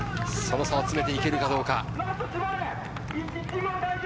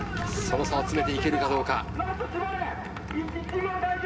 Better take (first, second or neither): first